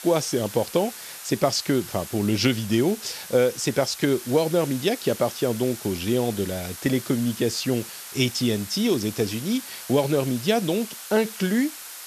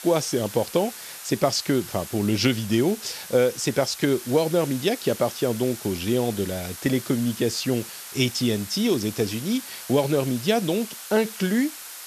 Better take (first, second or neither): neither